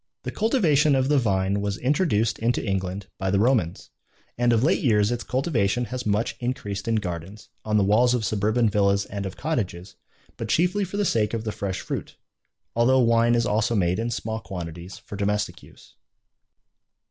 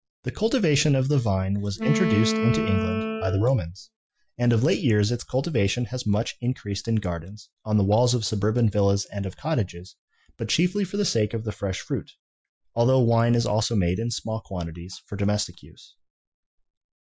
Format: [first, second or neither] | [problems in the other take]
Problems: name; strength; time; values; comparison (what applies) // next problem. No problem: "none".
first | noise reduction (classical method Wiener filter)